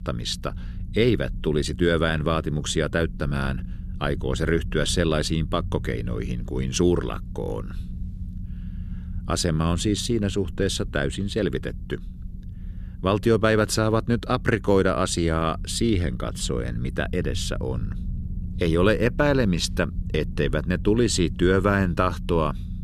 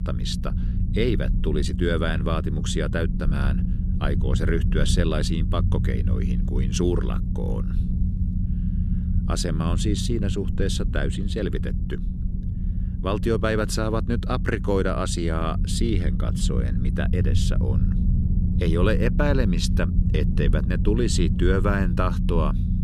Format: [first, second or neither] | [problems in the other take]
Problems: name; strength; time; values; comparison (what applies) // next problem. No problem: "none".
first | low rumble; loud; throughout; 9 dB below the speech; faint in the first